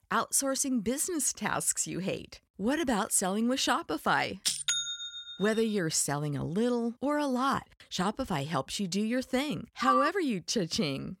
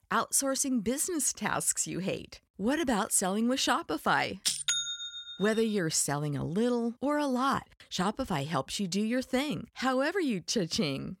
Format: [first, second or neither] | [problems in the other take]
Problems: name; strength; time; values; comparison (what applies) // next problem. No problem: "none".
second | phone ringing; loud; at 10 s; peak 2 dB above the speech